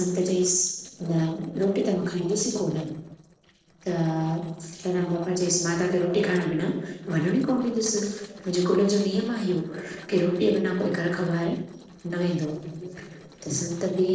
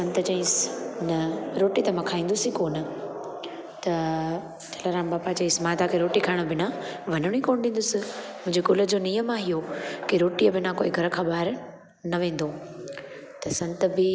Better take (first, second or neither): second